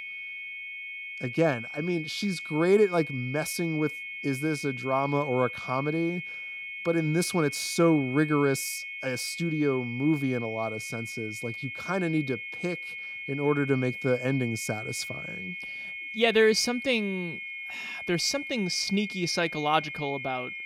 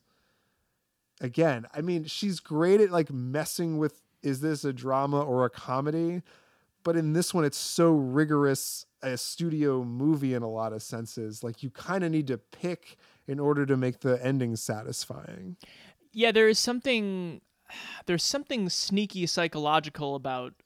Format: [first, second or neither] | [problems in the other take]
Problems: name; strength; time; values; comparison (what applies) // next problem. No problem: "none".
second | high-pitched whine; loud; throughout; 2 kHz, 8 dB below the speech